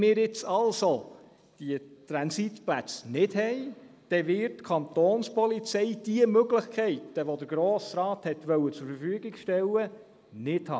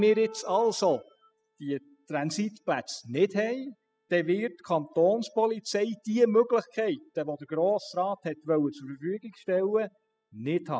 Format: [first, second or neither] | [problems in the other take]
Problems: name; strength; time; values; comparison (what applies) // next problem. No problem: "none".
first | noise reduction (classical method spectral subtraction)